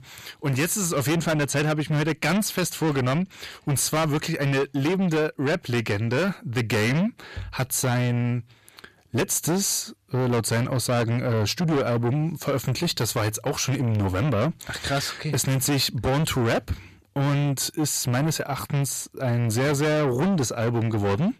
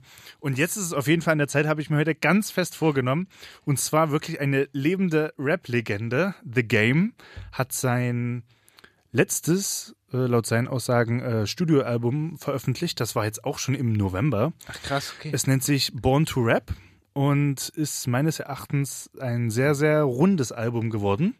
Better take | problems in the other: second | distortion; heavy; 7 dB below the speech

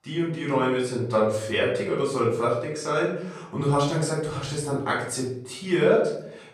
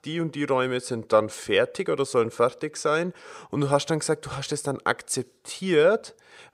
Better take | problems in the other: second | off-mic speech; far // room echo; noticeable; dies away in 0.7 s

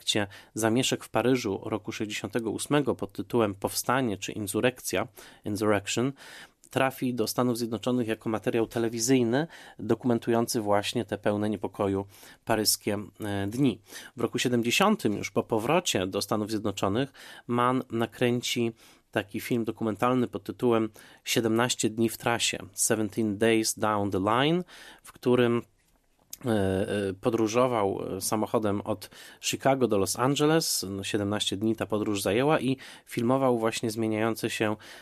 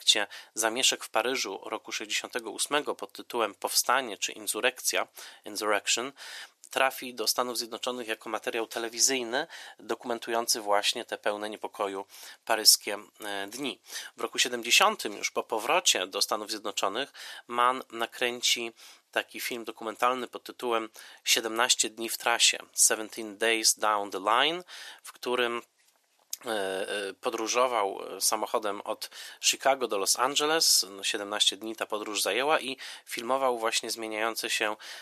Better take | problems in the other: first | thin; very; fading below 650 Hz

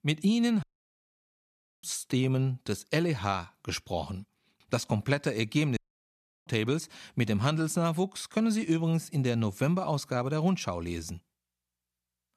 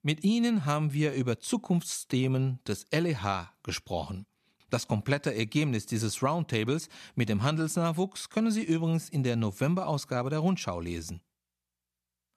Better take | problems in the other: second | audio cutting out; at 0.5 s for 1 s and at 6 s for 0.5 s

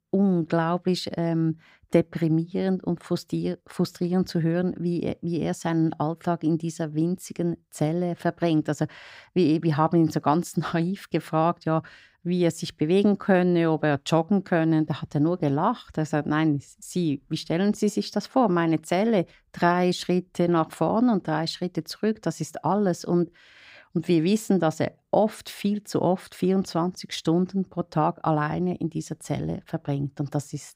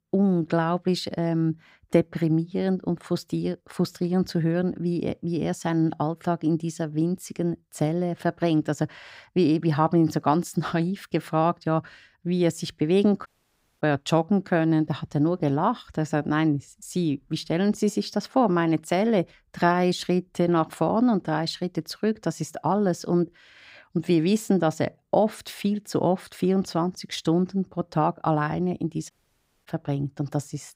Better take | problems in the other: first | audio cutting out; at 13 s for 0.5 s and at 29 s for 0.5 s

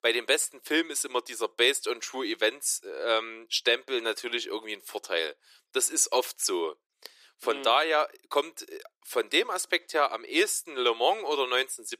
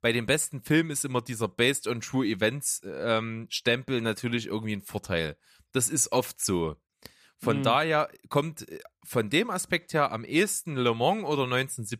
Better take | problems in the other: second | thin; very; fading below 350 Hz

